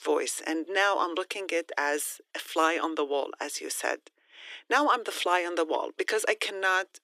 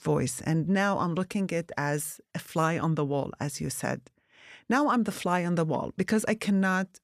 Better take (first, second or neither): second